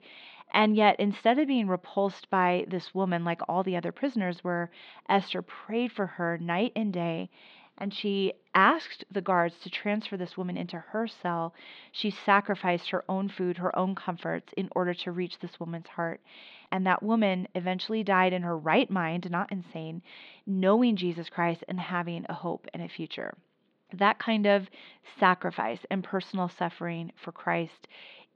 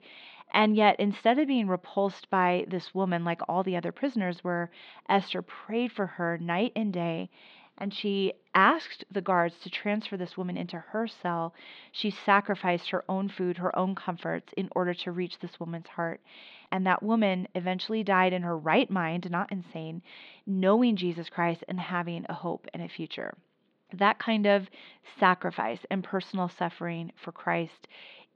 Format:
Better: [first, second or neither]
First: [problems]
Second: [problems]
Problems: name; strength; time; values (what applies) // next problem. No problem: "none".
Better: neither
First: muffled; slightly; fading above 4 kHz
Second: muffled; slightly; fading above 4 kHz